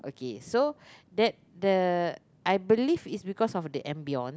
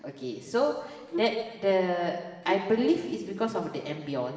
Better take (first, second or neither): first